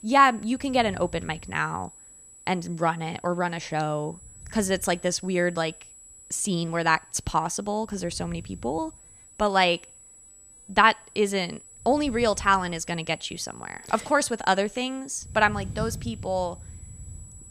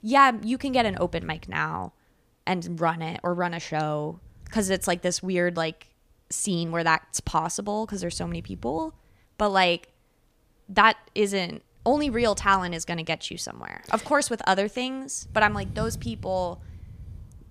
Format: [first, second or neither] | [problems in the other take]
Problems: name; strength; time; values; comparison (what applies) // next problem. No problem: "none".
second | high-pitched whine; faint; throughout; 8 kHz, 20 dB below the speech